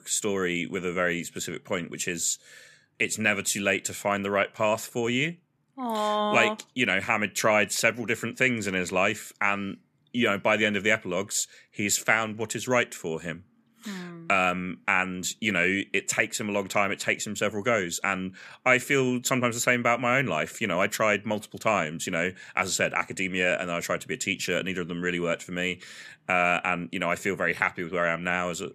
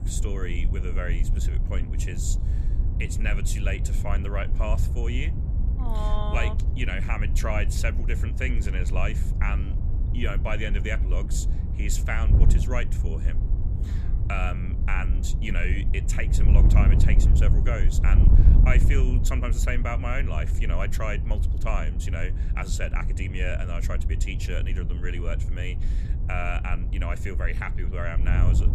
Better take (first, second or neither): first